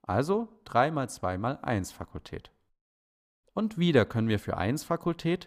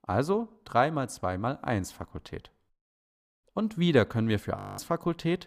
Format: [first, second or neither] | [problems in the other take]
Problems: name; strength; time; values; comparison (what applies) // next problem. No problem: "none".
first | audio freezing; at 4.5 s